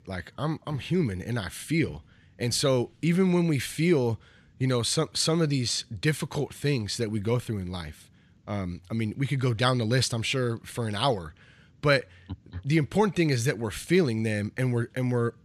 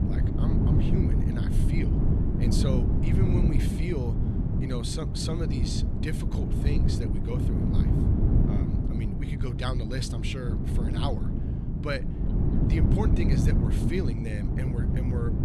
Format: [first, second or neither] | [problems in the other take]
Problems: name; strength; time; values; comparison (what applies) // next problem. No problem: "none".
first | wind noise on the microphone; heavy; 1 dB above the speech